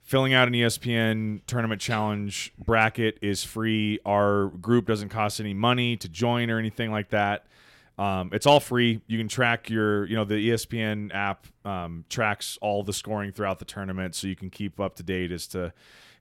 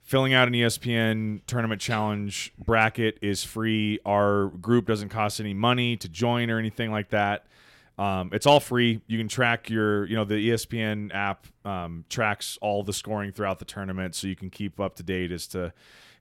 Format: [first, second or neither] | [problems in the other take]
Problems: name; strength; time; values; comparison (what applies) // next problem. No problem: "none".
neither | none